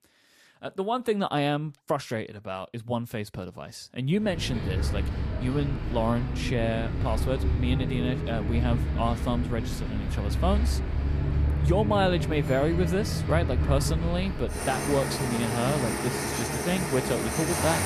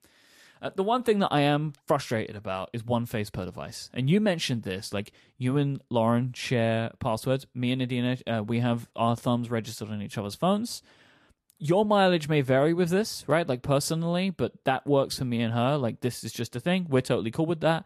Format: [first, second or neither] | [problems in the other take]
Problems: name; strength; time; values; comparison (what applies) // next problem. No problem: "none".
second | traffic noise; very loud; from 4 s on; as loud as the speech